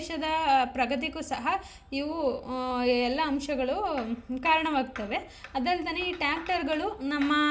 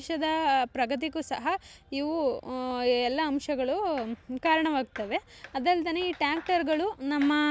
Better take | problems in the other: second | room echo; dies away in 0.4 s

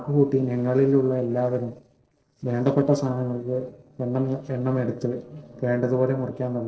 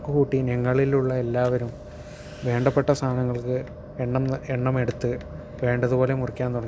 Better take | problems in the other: second | noise reduction (neural separator model SepFormer DNS4)

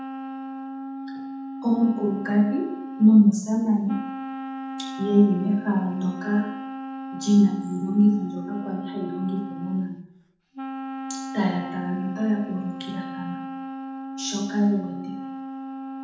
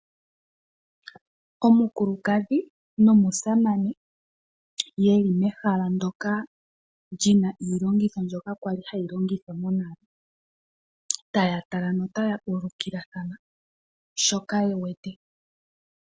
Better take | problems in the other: second | background sound (Wind instrument, woodwind instrument); 10 dB below the speech // room echo; dies away in 0.8 s

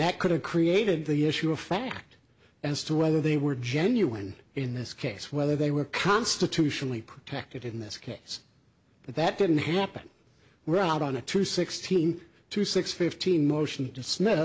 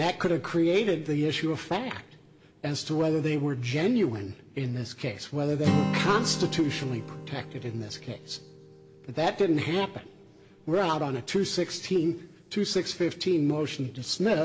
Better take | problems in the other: first | background sound (Acoustic guitar); 10 dB below the speech // room echo; dies away in 1.9 s

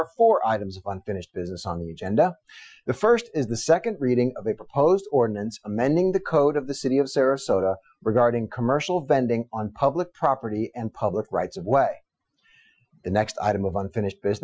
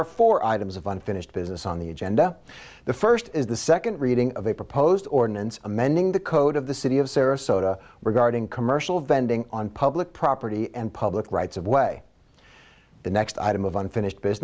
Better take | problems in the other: second | noise reduction (classical method Wiener filter)

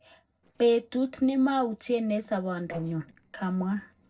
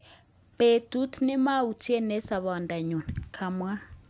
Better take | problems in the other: second | noise reduction (neural separator model SepFormer DNS4)

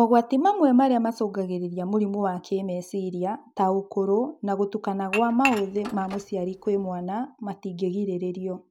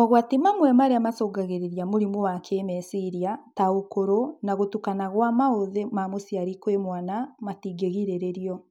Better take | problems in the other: second | background sound (Dishes, pots, and pans / Chink, clink); 10 dB below the speech

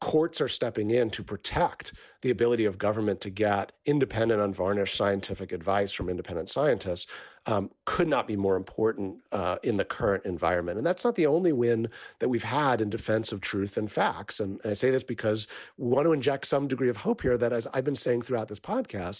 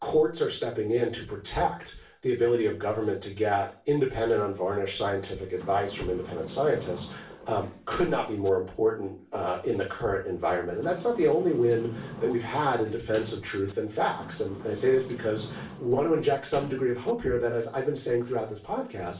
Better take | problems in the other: first | background sound (Sliding door); 15 dB below the speech // room echo; dies away in 0.3 s

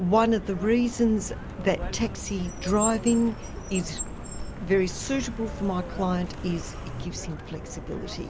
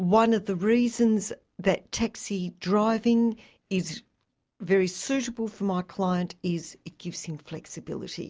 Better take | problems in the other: second | background sound (Car); 8 dB below the speech

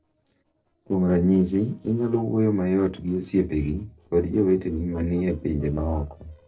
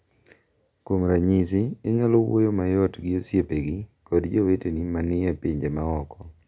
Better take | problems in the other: second | noise reduction (neural separator model SepFormer DNS4)

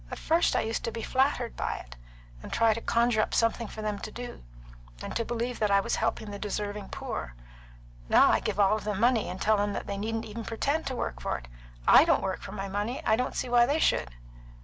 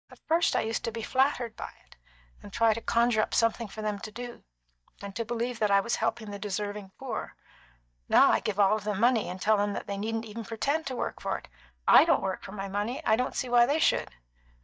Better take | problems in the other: first | noise reduction (neural mask model DeepFilterNet 3)

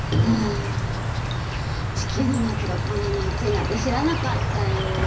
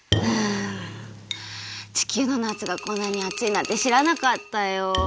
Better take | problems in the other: second | background sound (Insect); 1 dB above the speech // room echo; dies away in 0.4 s

